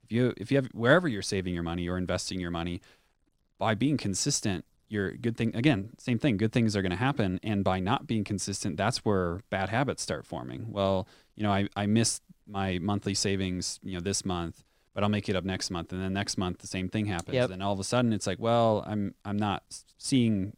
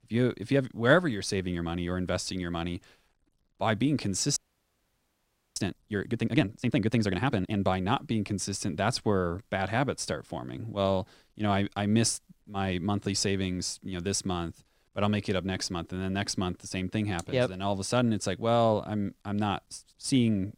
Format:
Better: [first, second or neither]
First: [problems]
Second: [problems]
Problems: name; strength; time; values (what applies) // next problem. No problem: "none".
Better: first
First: none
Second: audio freezing; at 4.5 s for 1 s